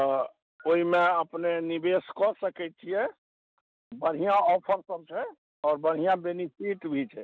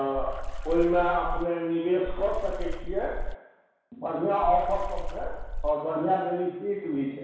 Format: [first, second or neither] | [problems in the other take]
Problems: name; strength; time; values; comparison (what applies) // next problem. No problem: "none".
first | background sound (Water / Splash, splatter); 3 dB below the speech // room echo; dies away in 1.1 s